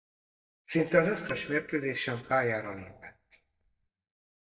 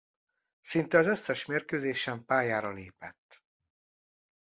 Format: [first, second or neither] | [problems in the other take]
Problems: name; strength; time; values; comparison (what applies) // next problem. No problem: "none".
second | noise reduction (neural mask model DeepFilterNet 3)